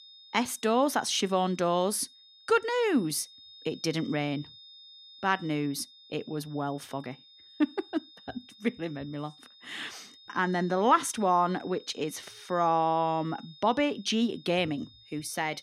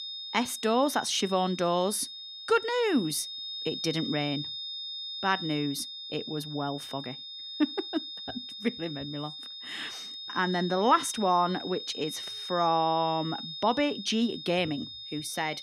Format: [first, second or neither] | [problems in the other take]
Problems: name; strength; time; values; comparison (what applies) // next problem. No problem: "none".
first | high-pitched whine; loud; throughout; 3.5 kHz, 8 dB below the speech; faint in the first